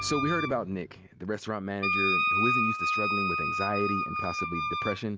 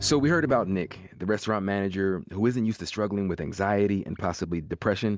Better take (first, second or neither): second